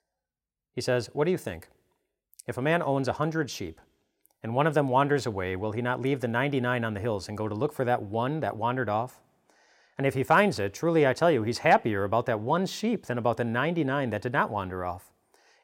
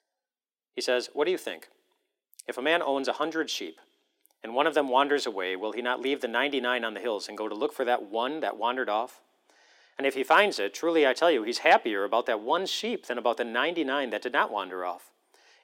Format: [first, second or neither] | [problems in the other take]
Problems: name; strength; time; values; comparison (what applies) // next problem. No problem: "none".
first | thin; somewhat; fading below 250 Hz